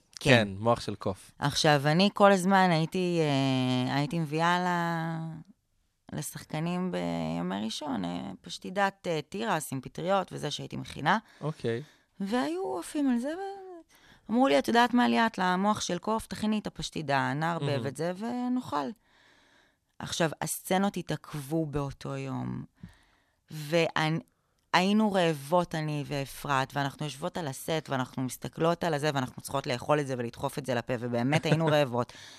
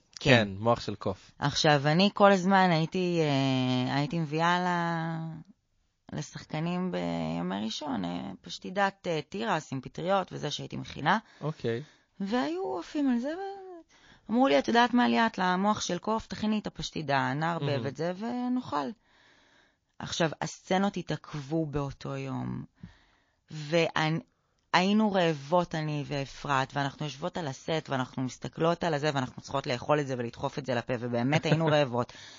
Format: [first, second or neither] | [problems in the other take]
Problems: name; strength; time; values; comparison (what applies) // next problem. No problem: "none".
first | garbled, watery; slightly; nothing above 6.5 kHz